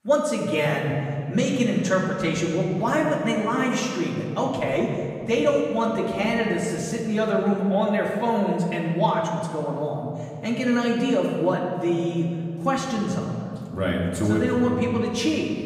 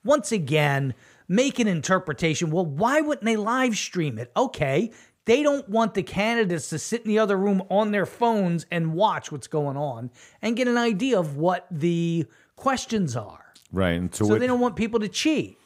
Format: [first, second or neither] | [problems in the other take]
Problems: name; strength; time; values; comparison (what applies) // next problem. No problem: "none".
second | off-mic speech; far // room echo; noticeable; dies away in 2.4 s